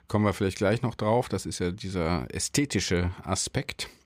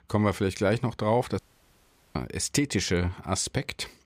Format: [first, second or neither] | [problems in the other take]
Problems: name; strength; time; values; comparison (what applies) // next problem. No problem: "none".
first | audio cutting out; at 1.5 s for 1 s